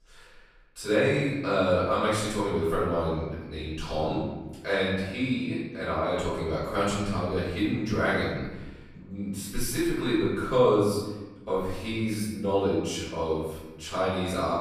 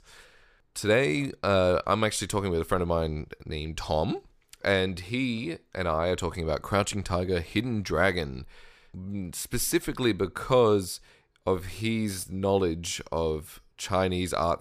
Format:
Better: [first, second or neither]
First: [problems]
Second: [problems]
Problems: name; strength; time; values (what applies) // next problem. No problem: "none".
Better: second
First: off-mic speech; far // room echo; noticeable; dies away in 1.1 s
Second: none